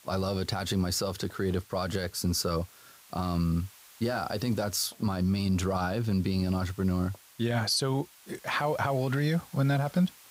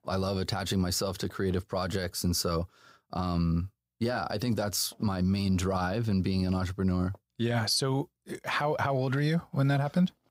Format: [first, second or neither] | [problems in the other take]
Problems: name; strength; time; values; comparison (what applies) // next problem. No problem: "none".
second | hiss; faint; throughout; 25 dB below the speech